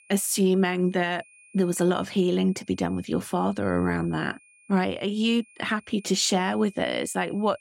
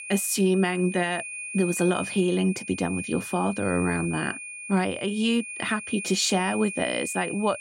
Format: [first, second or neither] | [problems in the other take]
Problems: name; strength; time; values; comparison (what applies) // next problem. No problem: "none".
first | high-pitched whine; loud; throughout; 2.5 kHz, 9 dB below the speech; faint in the first